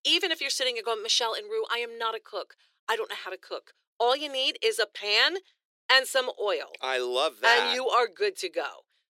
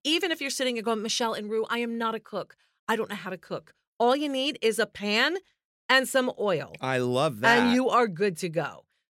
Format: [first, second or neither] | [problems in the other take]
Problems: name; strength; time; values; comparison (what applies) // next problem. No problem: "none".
second | thin; very; fading below 350 Hz